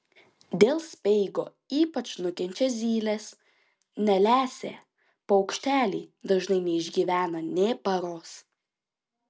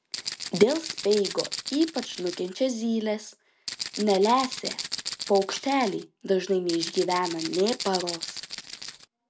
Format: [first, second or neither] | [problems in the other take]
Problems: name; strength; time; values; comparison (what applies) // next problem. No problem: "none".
first | background sound (Rattle (instrument)); 8 dB below the speech